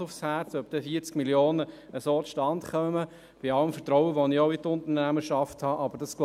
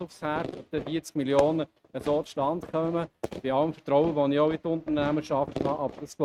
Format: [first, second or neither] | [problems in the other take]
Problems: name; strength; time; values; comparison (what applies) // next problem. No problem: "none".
first | noise reduction (neural mask model RNNoise)